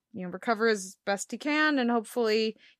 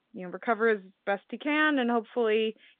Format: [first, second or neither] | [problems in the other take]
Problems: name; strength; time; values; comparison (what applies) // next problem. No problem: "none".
first | phone-call audio; nothing above 3 kHz